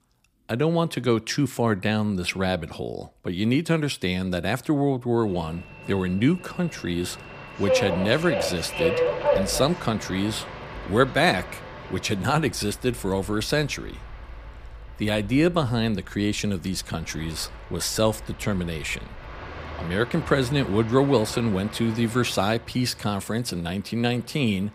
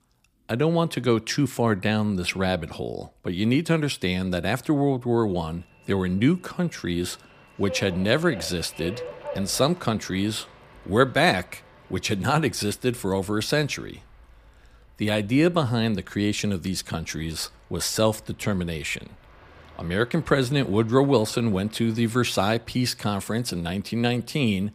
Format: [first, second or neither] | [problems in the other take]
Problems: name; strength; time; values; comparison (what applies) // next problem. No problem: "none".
second | train or aircraft noise; loud; from 5.5 s on; 8 dB below the speech; faint in the second